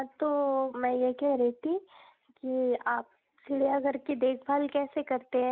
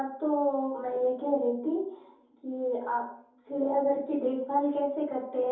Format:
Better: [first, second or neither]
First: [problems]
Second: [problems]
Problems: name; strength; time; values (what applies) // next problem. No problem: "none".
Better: first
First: none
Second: room echo; dies away in 0.6 s